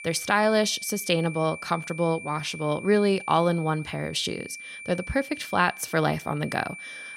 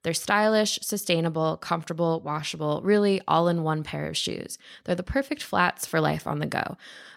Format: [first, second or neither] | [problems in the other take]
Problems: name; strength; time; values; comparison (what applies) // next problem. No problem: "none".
second | high-pitched whine; noticeable; throughout; 2.5 kHz, 15 dB below the speech